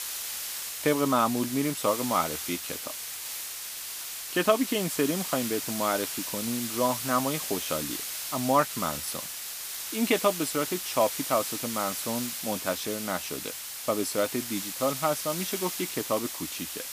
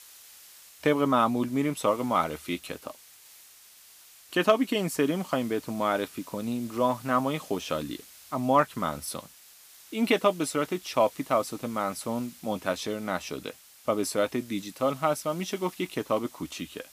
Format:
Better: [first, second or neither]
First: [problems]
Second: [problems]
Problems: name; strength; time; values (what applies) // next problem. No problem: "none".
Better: second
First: hiss; loud; throughout; 4 dB below the speech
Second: hiss; faint; throughout; 20 dB below the speech